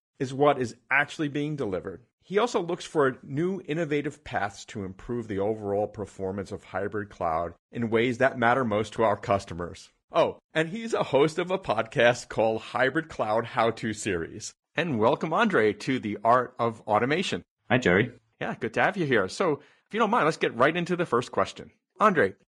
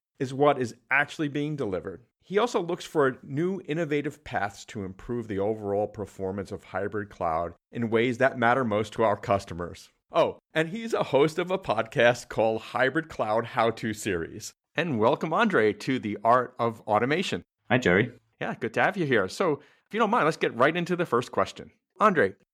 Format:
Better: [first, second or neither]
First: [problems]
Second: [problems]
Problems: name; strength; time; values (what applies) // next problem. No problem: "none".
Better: second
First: garbled, watery; slightly; nothing above 10 kHz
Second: none